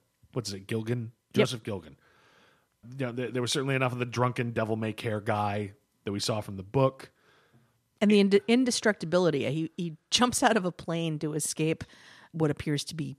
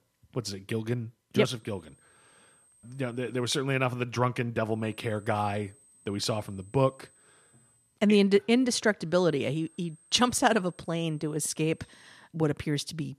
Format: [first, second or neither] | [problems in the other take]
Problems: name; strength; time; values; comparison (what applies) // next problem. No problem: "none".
first | high-pitched whine; faint; from 1.5 to 3.5 s, from 5 to 8 s and from 9 to 12 s; 8 kHz, 30 dB below the speech